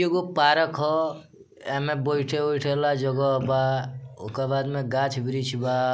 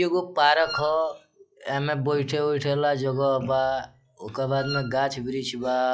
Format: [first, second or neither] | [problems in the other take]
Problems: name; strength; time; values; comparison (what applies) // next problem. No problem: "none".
first | noise reduction (classical method log-MMSE)